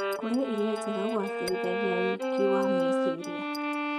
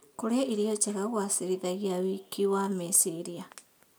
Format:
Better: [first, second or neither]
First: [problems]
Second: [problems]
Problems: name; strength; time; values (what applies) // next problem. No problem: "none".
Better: second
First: noise reduction (neural mask model RNNoise)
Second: none